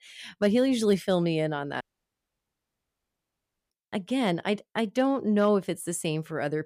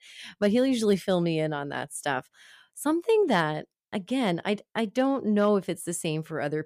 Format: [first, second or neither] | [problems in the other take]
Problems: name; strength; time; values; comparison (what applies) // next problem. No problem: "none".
second | audio cutting out; at 2 s for 2 s